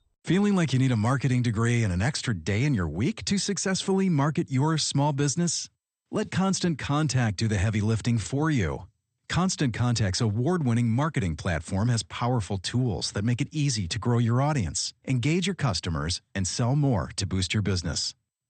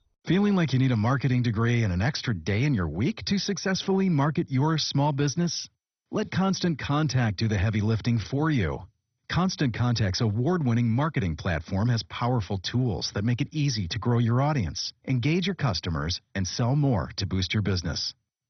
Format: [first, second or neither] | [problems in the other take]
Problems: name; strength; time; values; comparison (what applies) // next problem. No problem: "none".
first | garbled, watery; badly; nothing above 6 kHz; slightly in the first